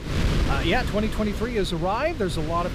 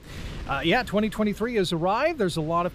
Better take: second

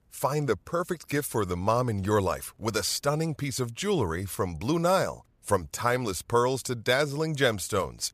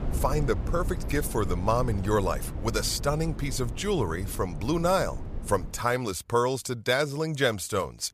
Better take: first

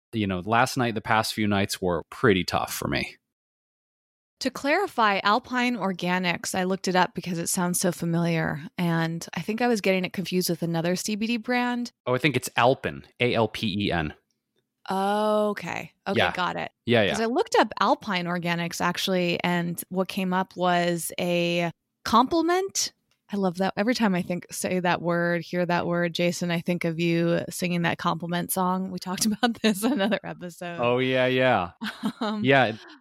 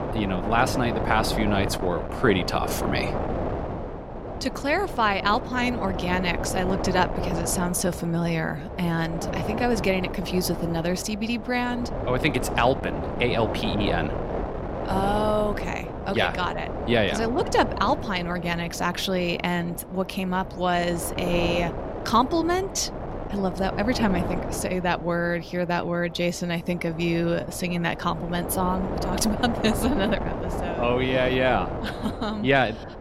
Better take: first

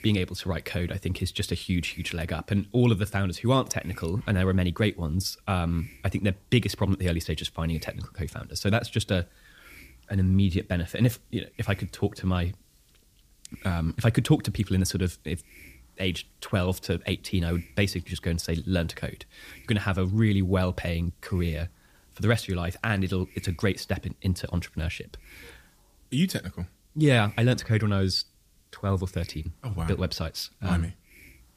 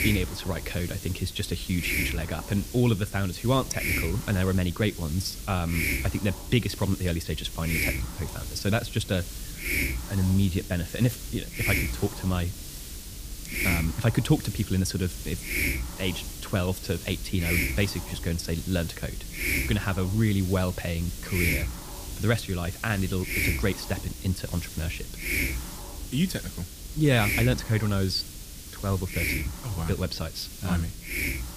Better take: first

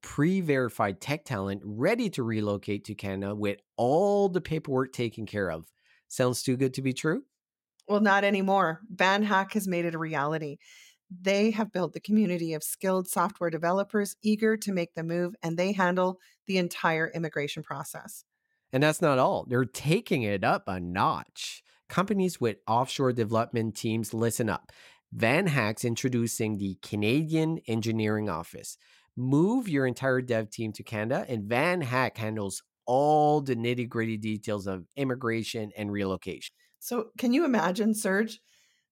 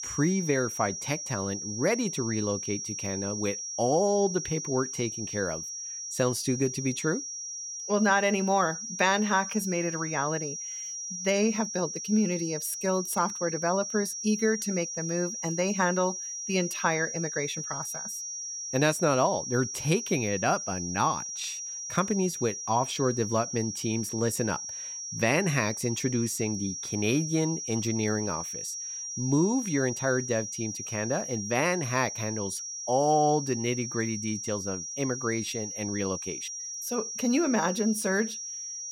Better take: first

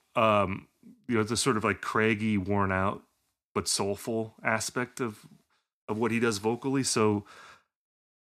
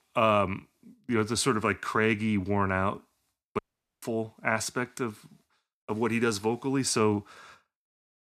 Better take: first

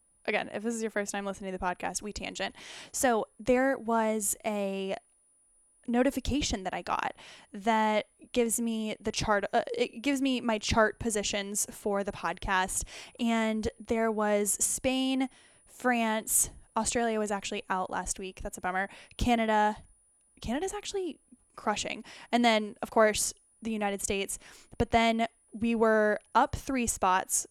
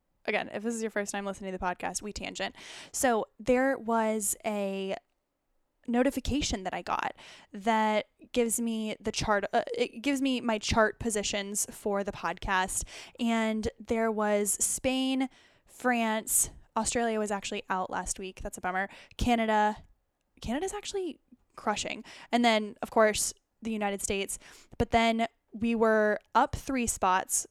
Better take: second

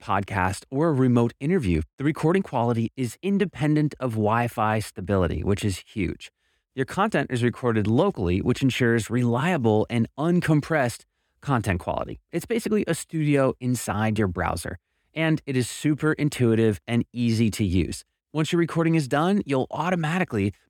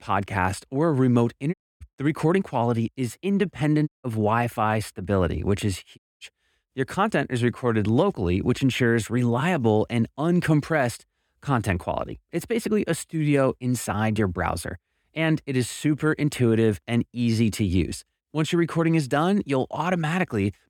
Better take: first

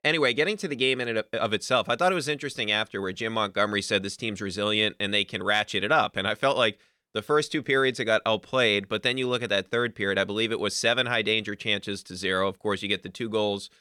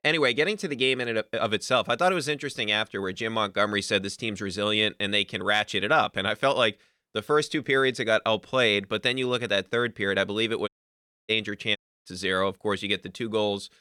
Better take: first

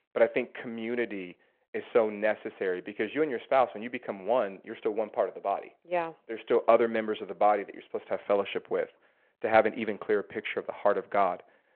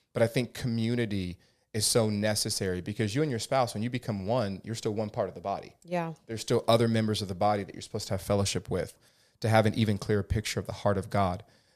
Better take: second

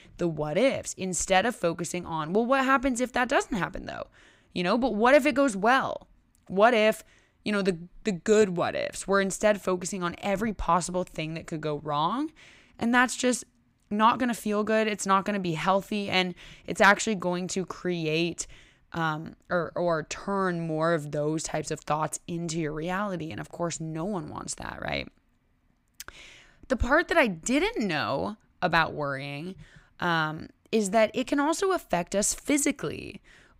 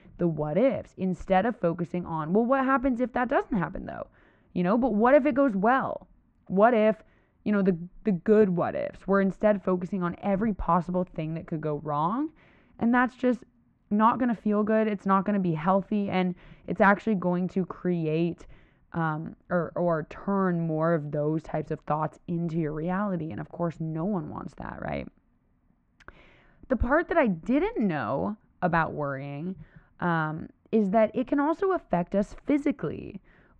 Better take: first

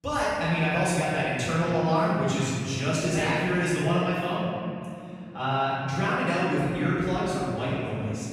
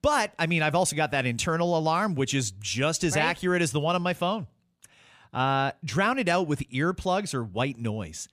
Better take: second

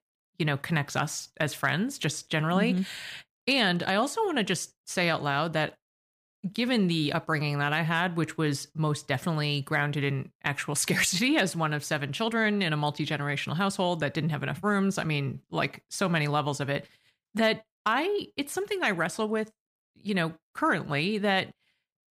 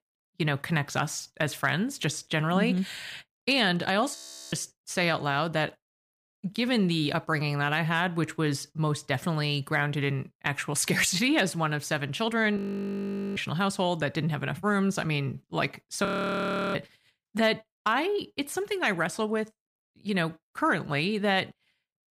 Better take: first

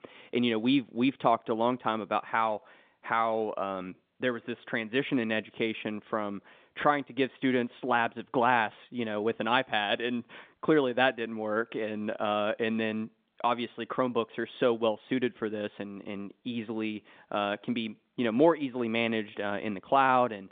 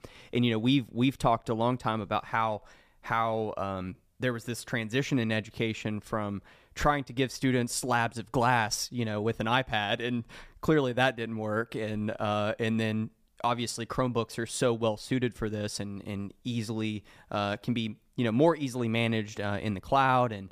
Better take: second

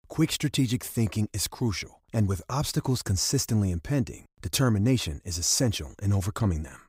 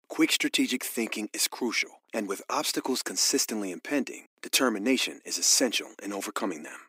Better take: first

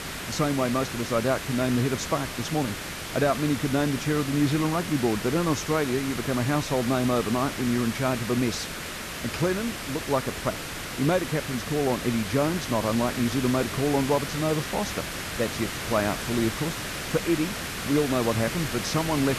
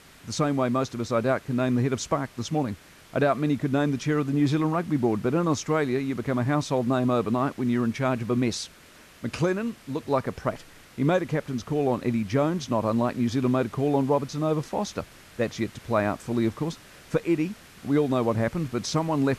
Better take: second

